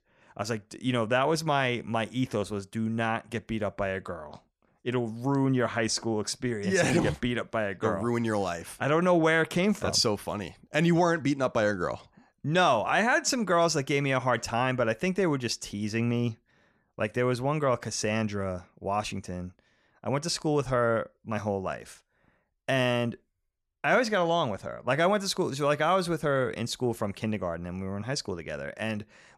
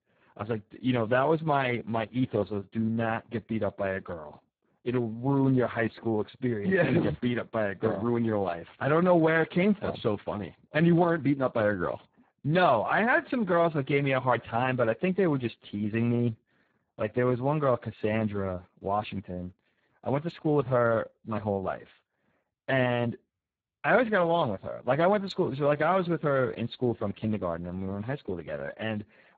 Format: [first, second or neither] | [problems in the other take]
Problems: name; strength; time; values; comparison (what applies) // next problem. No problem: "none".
first | garbled, watery; badly